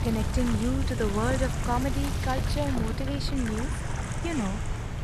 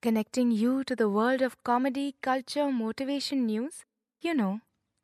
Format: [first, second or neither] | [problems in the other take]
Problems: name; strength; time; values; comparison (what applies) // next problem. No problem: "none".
second | wind noise on the microphone; heavy; 4 dB below the speech